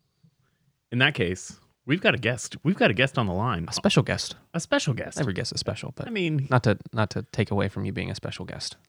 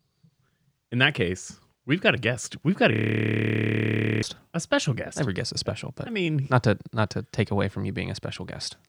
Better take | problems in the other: first | audio freezing; at 3 s for 1.5 s

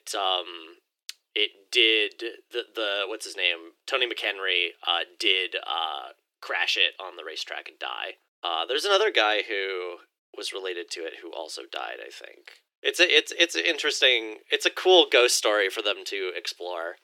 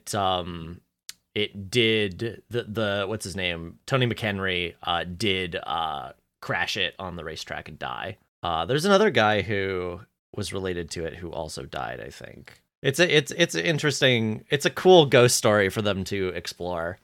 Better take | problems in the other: second | thin; very; fading below 300 Hz

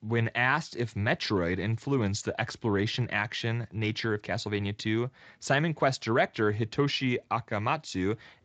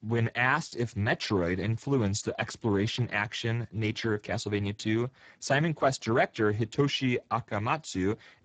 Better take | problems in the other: first | garbled, watery; badly; nothing above 7.5 kHz; slightly in the first

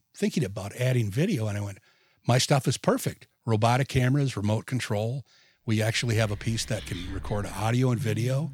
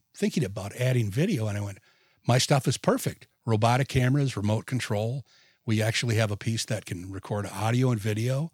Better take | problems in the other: second | animal sounds; noticeable; from 6.5 s on; 15 dB below the speech

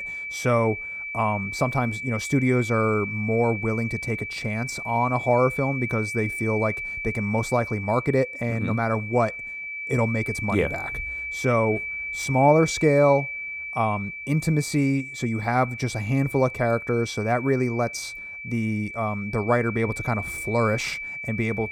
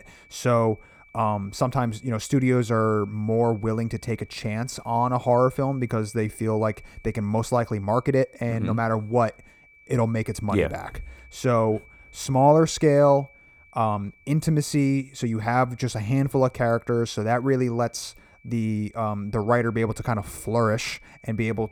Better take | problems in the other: second | high-pitched whine; loud; throughout; 2.5 kHz, 7 dB below the speech; faint in the second

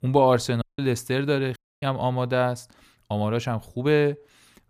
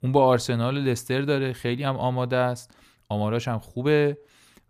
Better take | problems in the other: second | audio cutting out; at 0.5 s and at 1.5 s

